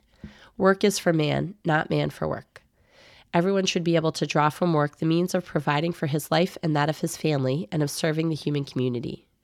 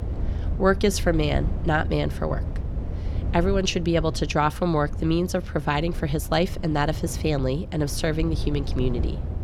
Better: first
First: none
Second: low rumble; noticeable; throughout; 15 dB below the speech

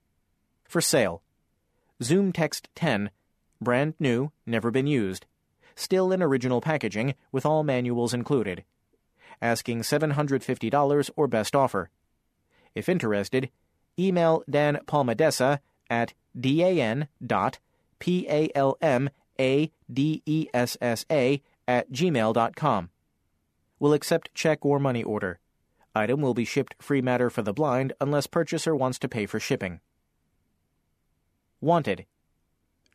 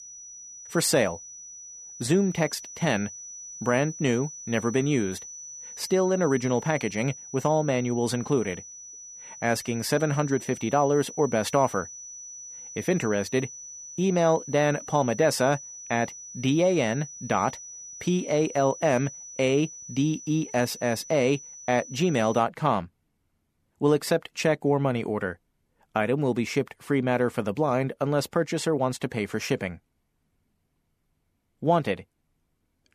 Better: first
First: none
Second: high-pitched whine; noticeable; until 22 s; 6 kHz, 15 dB below the speech

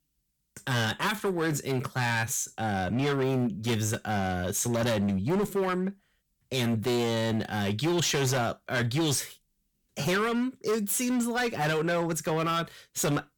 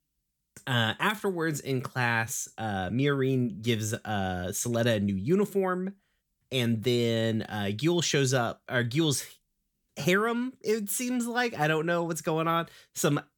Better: second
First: distortion; heavy; 16% of the sound clipped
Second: none

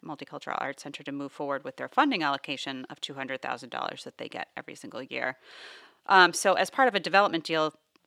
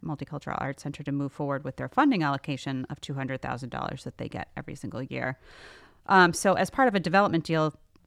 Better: second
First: thin; somewhat; fading below 350 Hz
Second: none

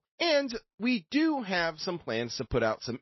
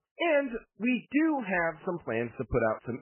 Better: first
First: garbled, watery; slightly; nothing above 5.5 kHz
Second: garbled, watery; badly; nothing above 2.5 kHz

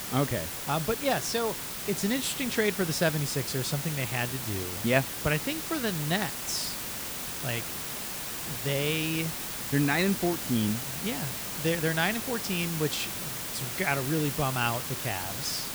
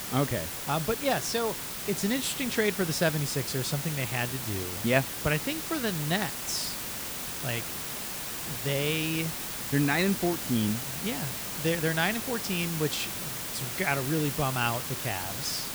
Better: neither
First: hiss; loud; throughout; 3 dB below the speech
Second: hiss; loud; throughout; 3 dB below the speech

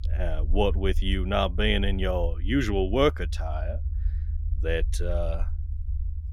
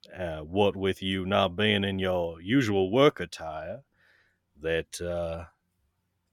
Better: second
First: low rumble; faint; throughout; 20 dB below the speech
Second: none

